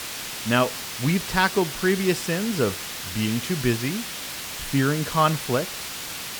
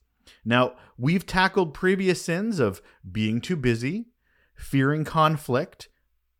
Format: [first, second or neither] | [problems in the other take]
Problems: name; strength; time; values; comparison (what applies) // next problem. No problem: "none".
second | hiss; loud; throughout; 6 dB below the speech